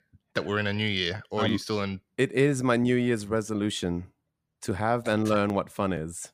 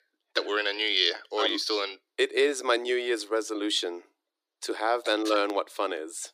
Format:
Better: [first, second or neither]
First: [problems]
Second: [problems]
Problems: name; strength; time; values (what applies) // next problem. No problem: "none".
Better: first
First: none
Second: thin; very; fading below 300 Hz